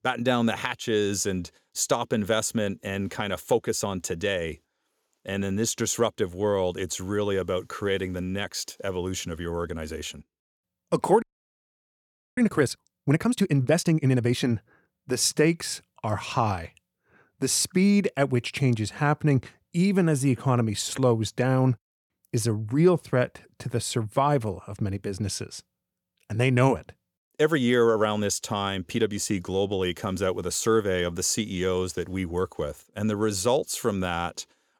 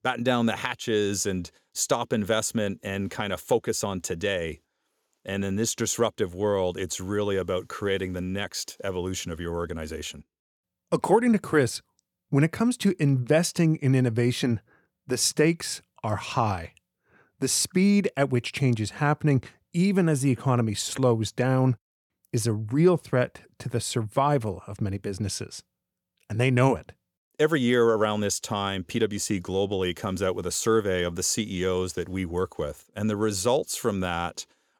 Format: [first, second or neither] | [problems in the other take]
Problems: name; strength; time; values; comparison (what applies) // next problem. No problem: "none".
second | audio freezing; at 11 s for 1 s